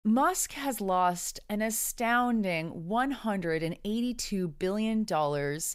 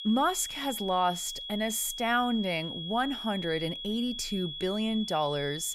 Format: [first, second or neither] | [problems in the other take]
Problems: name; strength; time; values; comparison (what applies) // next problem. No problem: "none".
first | high-pitched whine; loud; throughout; 3.5 kHz, 7 dB below the speech